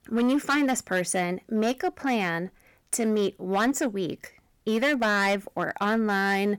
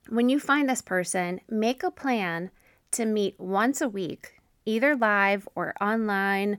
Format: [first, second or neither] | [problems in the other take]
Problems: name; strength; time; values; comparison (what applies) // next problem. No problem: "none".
second | distortion; slight; 8% of the sound clipped